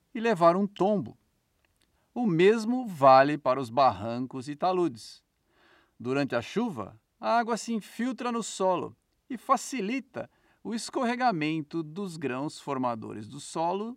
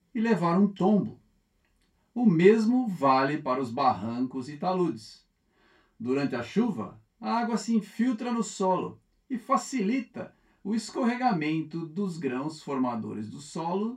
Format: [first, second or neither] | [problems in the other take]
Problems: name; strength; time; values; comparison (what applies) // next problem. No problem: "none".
first | room echo; slight; dies away in 0.2 s // off-mic speech; far